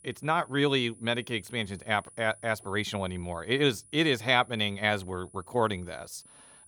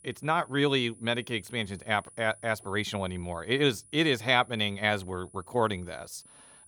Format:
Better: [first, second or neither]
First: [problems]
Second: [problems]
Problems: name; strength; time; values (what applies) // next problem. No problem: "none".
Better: neither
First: high-pitched whine; faint; throughout; 10 kHz, 25 dB below the speech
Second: high-pitched whine; faint; throughout; 10 kHz, 25 dB below the speech